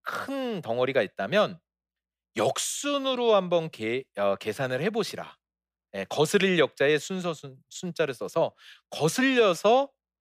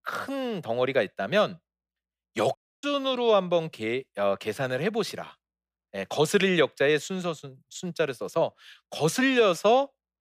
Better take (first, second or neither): first